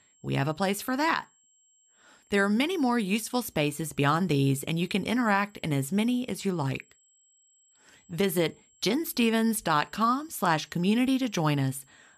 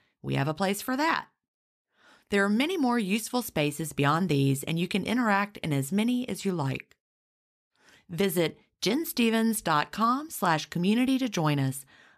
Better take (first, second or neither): second